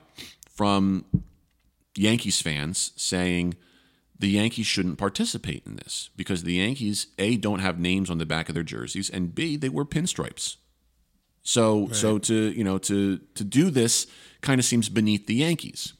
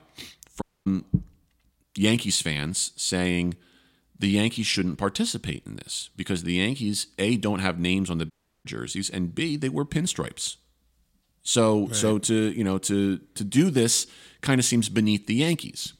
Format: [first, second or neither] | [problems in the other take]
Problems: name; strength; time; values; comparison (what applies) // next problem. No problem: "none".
first | audio cutting out; at 0.5 s and at 8.5 s